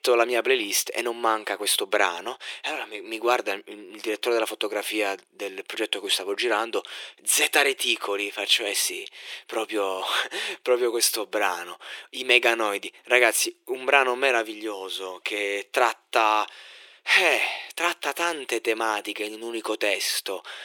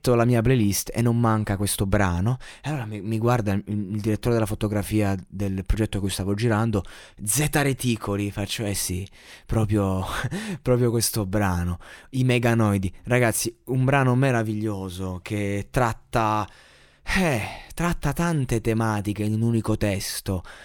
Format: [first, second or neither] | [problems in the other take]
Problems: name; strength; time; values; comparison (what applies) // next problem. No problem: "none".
second | thin; very; fading below 350 Hz